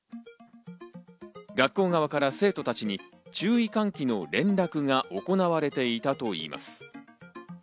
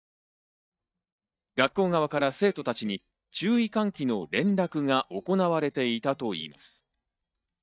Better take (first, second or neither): first